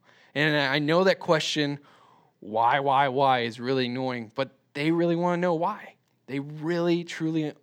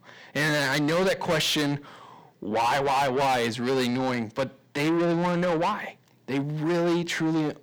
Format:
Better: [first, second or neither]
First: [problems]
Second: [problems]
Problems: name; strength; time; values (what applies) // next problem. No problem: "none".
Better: first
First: none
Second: distortion; heavy; 6 dB below the speech